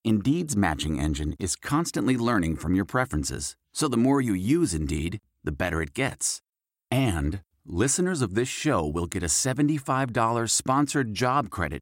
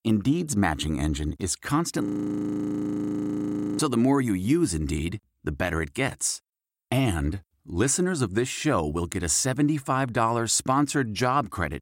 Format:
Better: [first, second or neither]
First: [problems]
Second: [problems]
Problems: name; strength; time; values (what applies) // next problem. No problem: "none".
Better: first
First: none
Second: audio freezing; at 2 s for 1.5 s